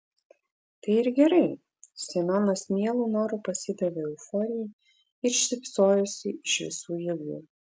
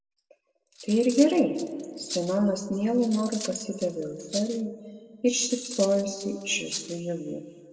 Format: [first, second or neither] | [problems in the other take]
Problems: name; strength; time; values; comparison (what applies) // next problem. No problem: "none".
first | background sound (Cutlery, silverware); 14 dB below the speech // room echo; dies away in 1.7 s